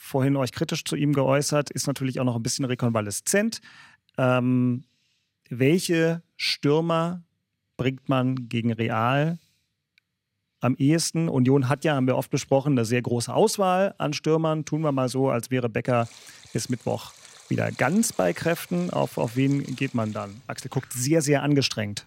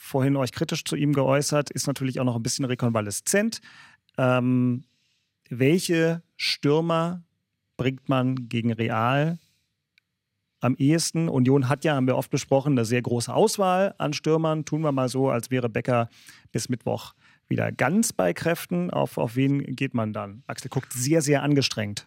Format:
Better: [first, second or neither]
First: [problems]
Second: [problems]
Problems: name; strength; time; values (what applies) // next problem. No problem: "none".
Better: second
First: rain or running water; faint; from 16 s on; 25 dB below the speech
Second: none